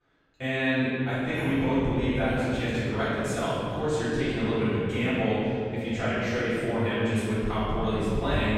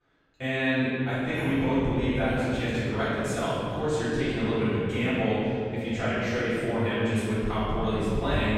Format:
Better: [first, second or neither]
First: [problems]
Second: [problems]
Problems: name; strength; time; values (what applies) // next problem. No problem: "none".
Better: neither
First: room echo; strong; dies away in 3 s // off-mic speech; far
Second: room echo; strong; dies away in 3 s // off-mic speech; far